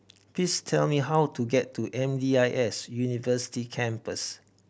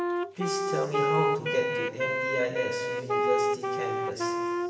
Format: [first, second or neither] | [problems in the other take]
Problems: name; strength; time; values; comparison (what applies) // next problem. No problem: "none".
first | background sound (Wind instrument, woodwind instrument); 5 dB above the speech // room echo; dies away in 2.4 s